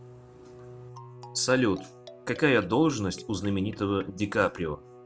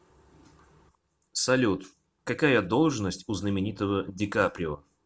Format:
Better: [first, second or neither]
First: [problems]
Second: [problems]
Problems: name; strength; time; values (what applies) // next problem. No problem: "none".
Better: second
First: background sound (Marimba, xylophone + Bowed string instrument); 18 dB below the speech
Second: none